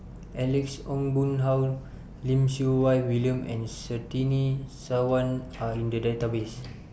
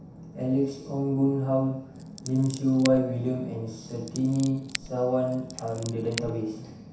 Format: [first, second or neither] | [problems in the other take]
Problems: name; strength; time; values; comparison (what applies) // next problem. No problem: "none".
first | background sound (Scissors); 15 dB below the speech // room echo; dies away in 0.7 s